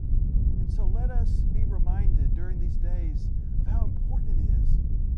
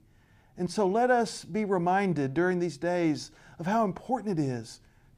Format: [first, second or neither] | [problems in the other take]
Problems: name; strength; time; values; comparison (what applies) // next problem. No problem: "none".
second | wind noise on the microphone; heavy; 3 dB above the speech